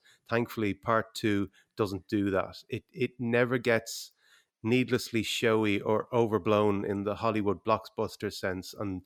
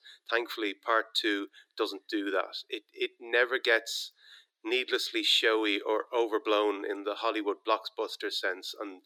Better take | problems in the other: first | thin; somewhat; fading below 300 Hz

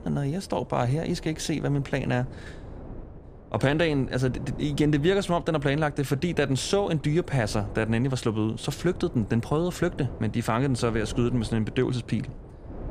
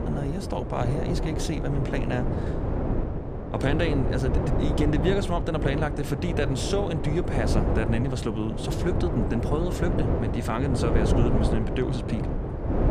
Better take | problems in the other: first | wind noise on the microphone; heavy; 2 dB below the speech; occasional gusts in the first

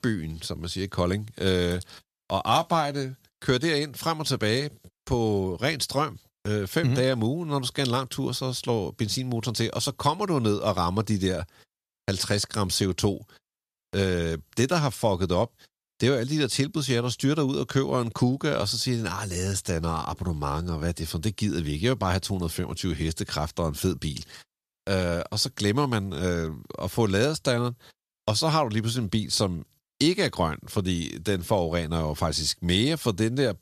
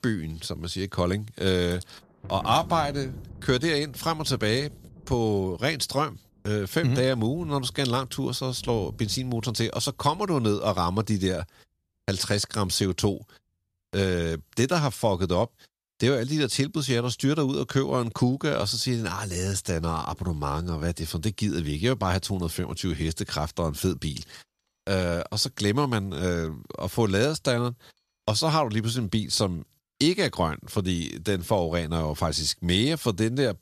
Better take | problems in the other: first | rain or running water; noticeable; throughout; 20 dB below the speech

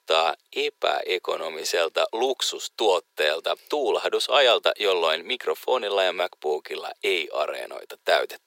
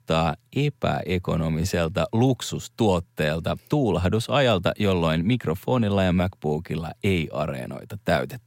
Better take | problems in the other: second | thin; very; fading below 400 Hz

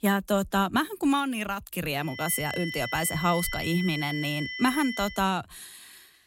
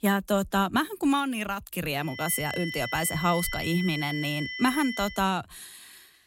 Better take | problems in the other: neither | high-pitched whine; loud; from 2 to 5 s; 2 kHz, 7 dB below the speech; the same in both

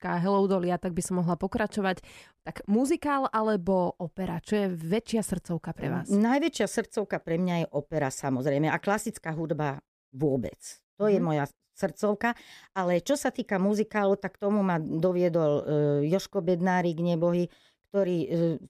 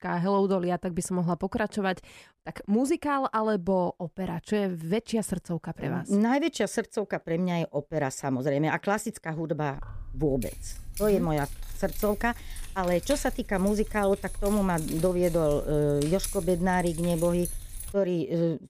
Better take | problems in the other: first | jangling keys; noticeable; from 10 to 18 s; peak 7 dB below the speech

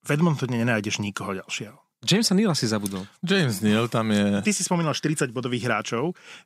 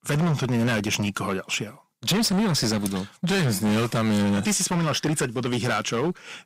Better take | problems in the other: first | distortion; heavy; 21% of the sound clipped

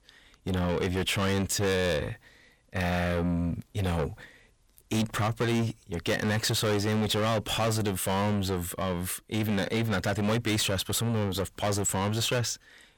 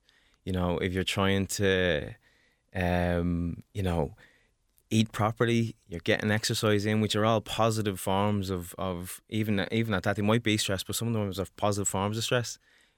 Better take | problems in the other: second | distortion; heavy; 6 dB below the speech

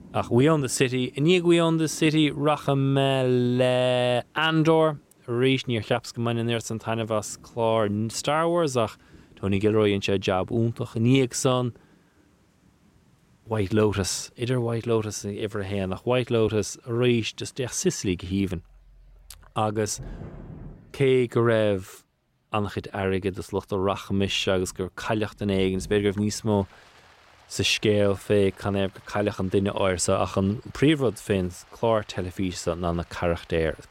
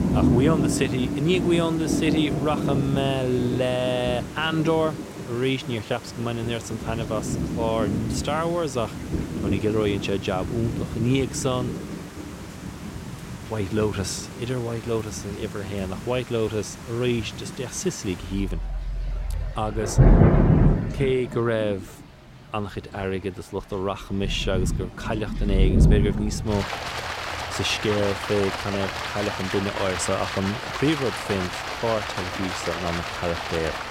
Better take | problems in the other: first | rain or running water; loud; throughout; 1 dB below the speech; faint in the first

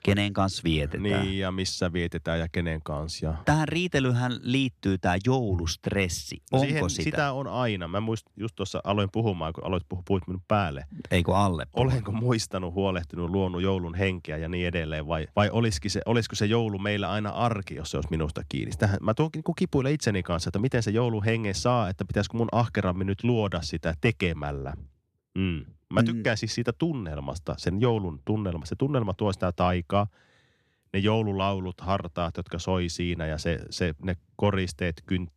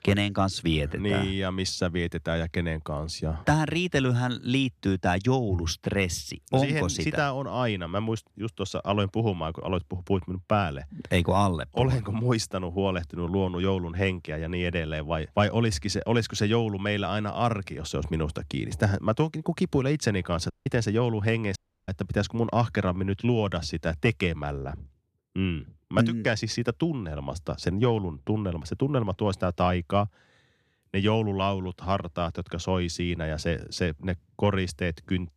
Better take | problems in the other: first | audio cutting out; at 21 s and at 22 s

